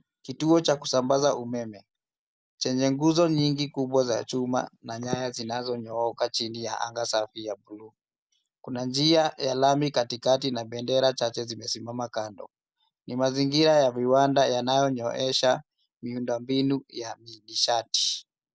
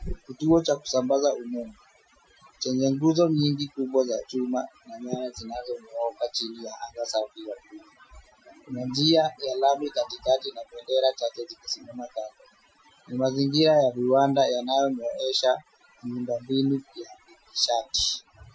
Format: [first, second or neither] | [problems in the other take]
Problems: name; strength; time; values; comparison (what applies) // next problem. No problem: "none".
first | noise reduction (classical method Wiener filter)